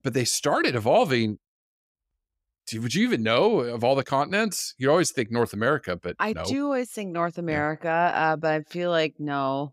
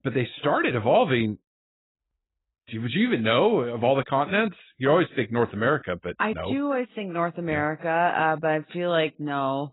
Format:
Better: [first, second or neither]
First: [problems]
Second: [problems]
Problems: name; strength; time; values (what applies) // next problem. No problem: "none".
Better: first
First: none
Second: garbled, watery; badly; nothing above 4 kHz